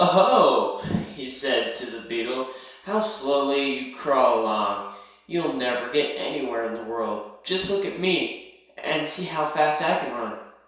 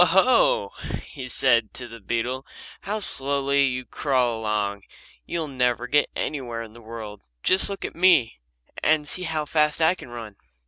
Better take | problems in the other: second | room echo; dies away in 0.7 s

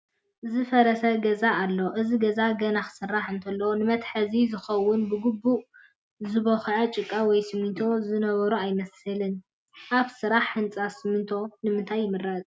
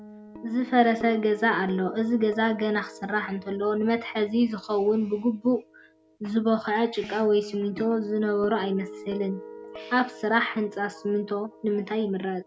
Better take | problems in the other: first | background sound (Guitar); 17 dB below the speech

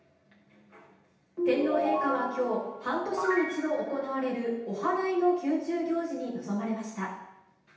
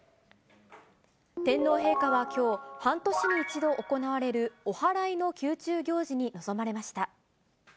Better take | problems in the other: second | room echo; dies away in 0.9 s

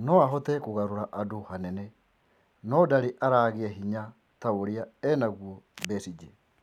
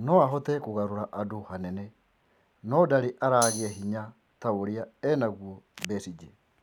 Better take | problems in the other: first | background sound (Tambourine); 6 dB below the speech

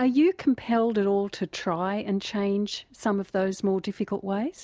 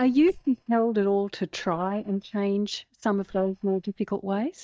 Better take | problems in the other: first | noise reduction (neural mask model DeepFilterNet 3)

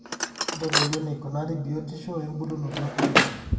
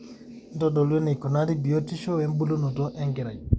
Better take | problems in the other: second | background sound (Drawer open or close); 2 dB above the speech // room echo; dies away in 1.5 s

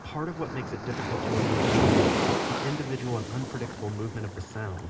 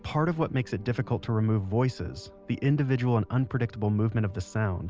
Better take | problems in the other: second | background sound (Waves, surf); 5 dB above the speech // room echo; dies away in 2.6 s

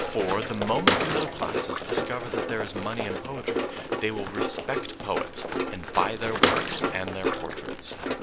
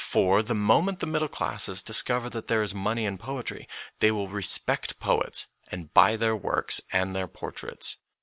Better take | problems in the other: second | background sound (Run + Bathtub (filling or washing) / Water / Splash, splatter); 3 dB above the speech

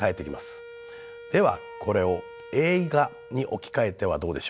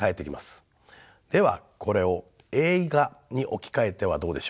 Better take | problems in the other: second | background sound (Wind instrument, woodwind instrument); 17 dB below the speech

